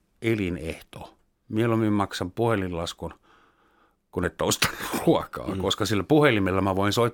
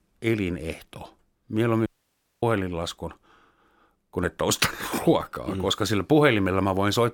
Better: first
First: none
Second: audio cutting out; at 2 s for 0.5 s

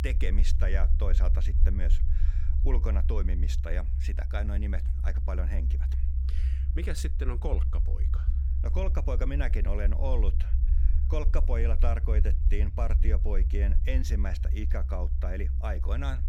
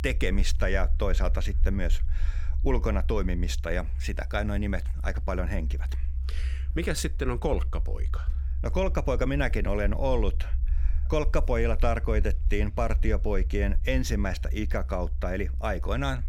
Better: second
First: low rumble; loud; throughout; 9 dB below the speech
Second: low rumble; faint; throughout; 20 dB below the speech

